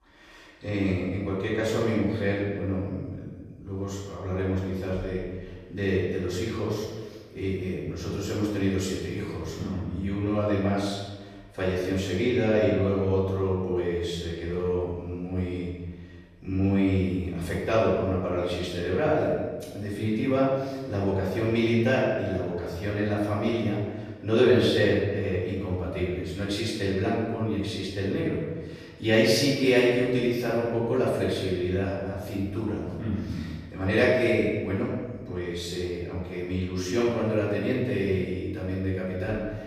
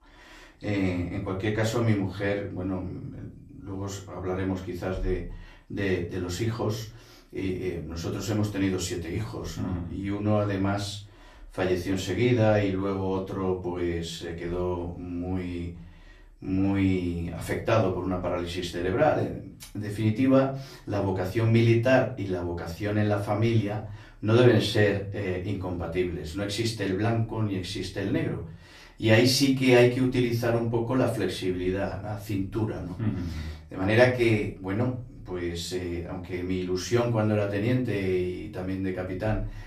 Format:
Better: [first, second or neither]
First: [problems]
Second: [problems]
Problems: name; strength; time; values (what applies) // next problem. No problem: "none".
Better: second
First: room echo; strong; dies away in 1.2 s // off-mic speech; far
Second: room echo; slight; dies away in 0.3 s // off-mic speech; far